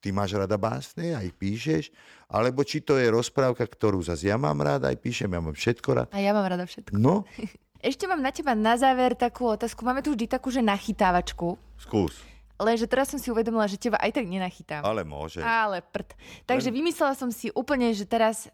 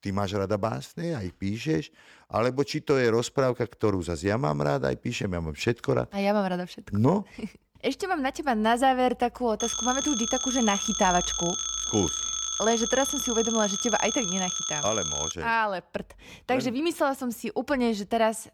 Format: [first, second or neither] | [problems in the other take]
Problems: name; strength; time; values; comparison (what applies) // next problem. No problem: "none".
first | phone ringing; noticeable; from 9.5 to 15 s; peak level with the speech